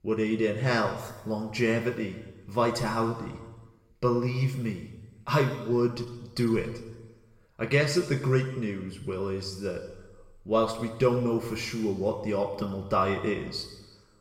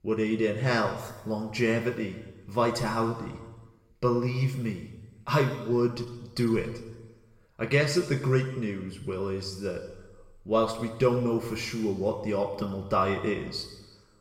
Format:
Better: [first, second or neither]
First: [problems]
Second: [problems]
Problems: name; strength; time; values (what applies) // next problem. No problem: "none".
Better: neither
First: room echo; noticeable; dies away in 1.1 s // off-mic speech; somewhat distant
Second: room echo; noticeable; dies away in 1.1 s // off-mic speech; somewhat distant